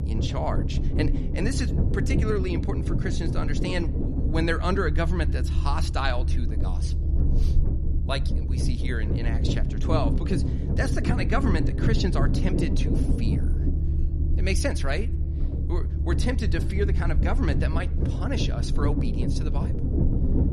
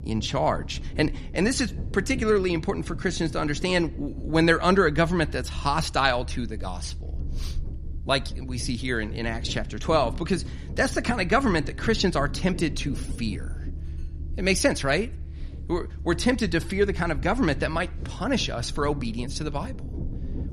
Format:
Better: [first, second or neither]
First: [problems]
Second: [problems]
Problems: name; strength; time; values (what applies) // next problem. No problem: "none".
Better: second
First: low rumble; loud; throughout; 5 dB below the speech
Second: low rumble; faint; throughout; 20 dB below the speech